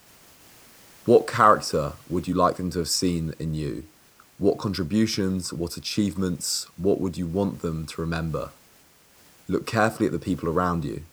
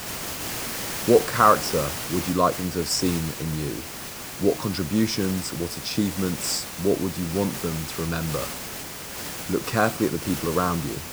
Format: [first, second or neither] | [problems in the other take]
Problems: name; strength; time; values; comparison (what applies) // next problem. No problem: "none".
first | hiss; loud; throughout; 7 dB below the speech; faint in the first